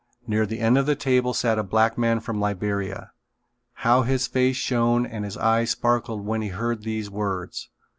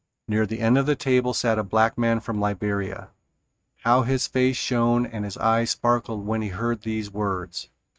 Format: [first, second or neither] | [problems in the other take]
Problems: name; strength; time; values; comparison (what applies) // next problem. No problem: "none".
first | noise reduction (neural mask model RNNoise)